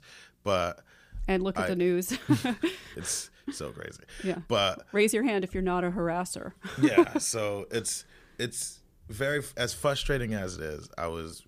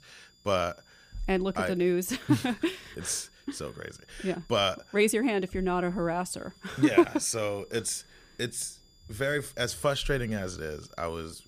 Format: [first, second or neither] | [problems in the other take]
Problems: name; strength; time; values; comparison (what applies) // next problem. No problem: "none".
first | high-pitched whine; faint; throughout; 5 kHz, 30 dB below the speech